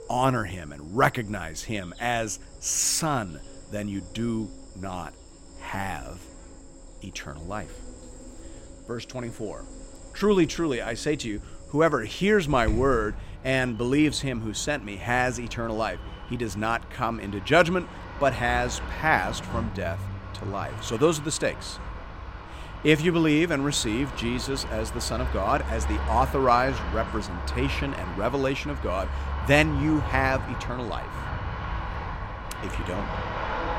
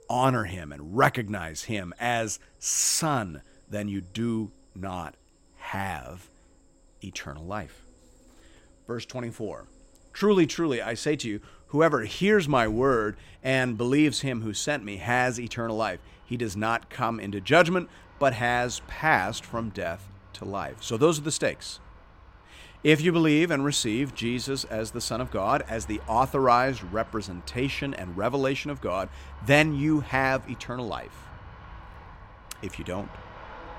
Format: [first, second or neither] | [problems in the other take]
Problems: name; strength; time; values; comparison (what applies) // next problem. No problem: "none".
second | animal sounds; loud; throughout; 10 dB below the speech; faint in the second